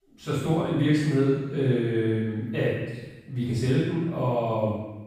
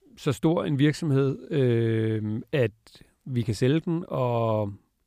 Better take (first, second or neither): second